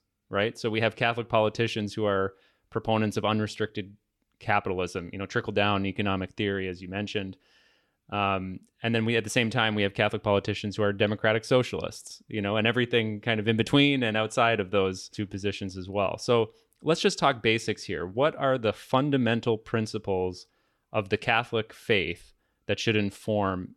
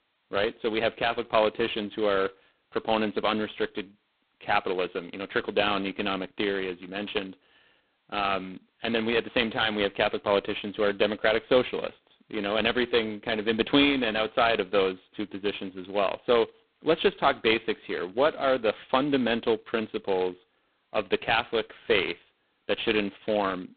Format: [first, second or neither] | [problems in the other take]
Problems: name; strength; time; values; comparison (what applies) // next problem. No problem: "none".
first | phone-call audio; poor line; nothing above 4 kHz